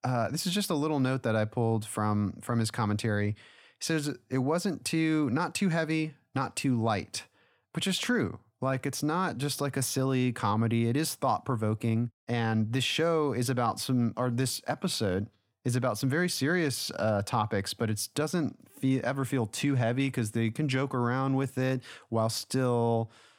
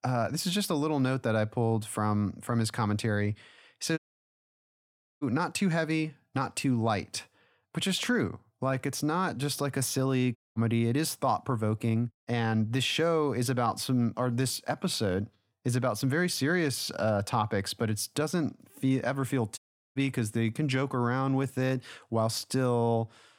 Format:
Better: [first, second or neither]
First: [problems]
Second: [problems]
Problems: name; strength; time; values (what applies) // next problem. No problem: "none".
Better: first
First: none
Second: audio cutting out; at 4 s for 1 s, at 10 s and at 20 s